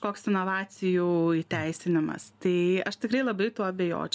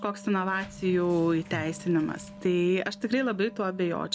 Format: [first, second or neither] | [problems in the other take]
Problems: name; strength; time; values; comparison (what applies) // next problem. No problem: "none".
first | background sound (Wind instrument, woodwind instrument + Sliding door); 17 dB below the speech